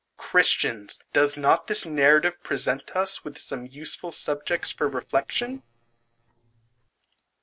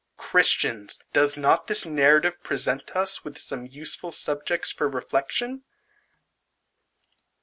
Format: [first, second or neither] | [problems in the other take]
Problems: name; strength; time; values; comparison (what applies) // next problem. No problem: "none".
second | noise reduction (neural separator model SepFormer DNS4)